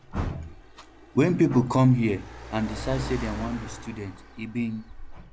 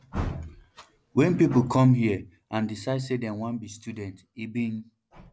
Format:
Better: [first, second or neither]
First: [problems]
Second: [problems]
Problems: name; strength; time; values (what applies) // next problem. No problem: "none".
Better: second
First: background sound (Car); 13 dB below the speech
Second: none